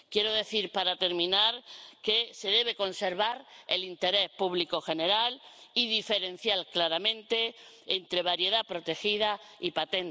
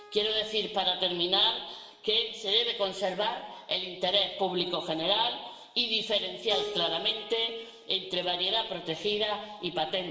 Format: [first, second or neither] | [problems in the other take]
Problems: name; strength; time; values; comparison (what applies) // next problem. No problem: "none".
first | background sound (Keyboard (musical)); 19 dB below the speech // room echo; dies away in 1.1 s